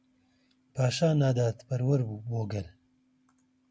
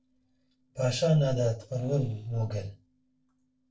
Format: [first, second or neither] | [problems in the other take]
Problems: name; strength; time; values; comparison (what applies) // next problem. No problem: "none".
first | noise reduction (neural separator model SepFormer DNS4)